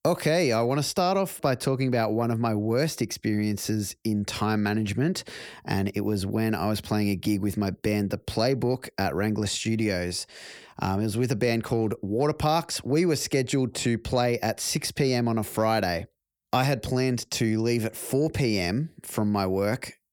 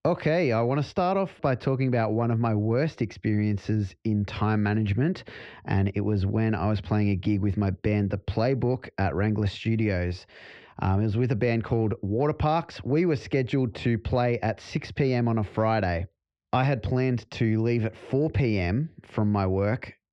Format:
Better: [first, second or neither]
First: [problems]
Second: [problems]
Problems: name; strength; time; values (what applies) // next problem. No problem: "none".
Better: first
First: none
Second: muffled; slightly; fading above 3 kHz